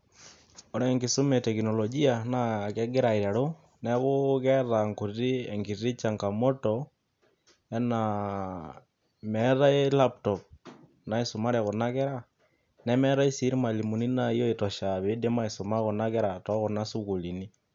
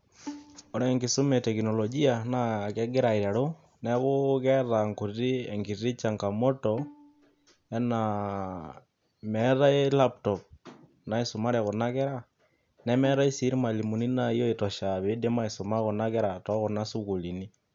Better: first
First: none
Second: background sound (Bowed string instrument); 20 dB below the speech

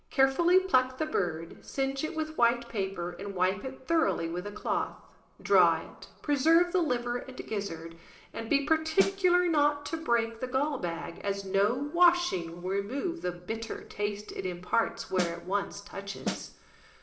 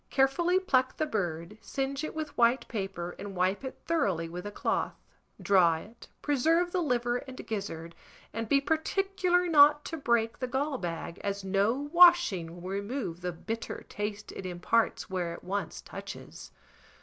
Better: second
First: background sound (Snare drum); 7 dB below the speech // room echo; dies away in 1.2 s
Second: none

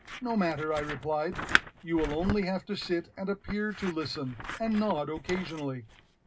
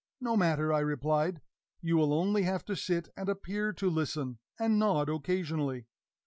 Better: second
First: background sound (Scissors); 6 dB below the speech // room echo; dies away in 0.2 s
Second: none

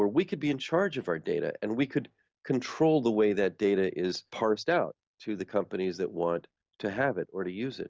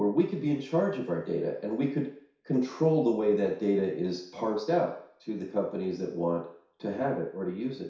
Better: first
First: none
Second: room echo; dies away in 0.6 s

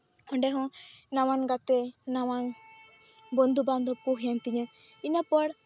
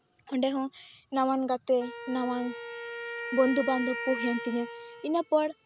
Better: first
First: none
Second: background sound (Wind instrument, woodwind instrument); 10 dB below the speech

